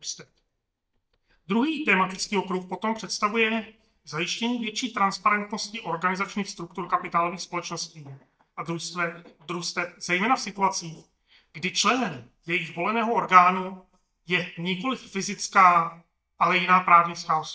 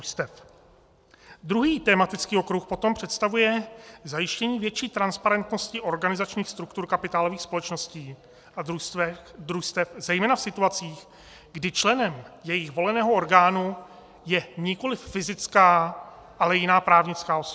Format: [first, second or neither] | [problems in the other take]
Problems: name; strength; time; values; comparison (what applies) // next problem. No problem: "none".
second | noise reduction (neural mask model DeepFilterNet 3)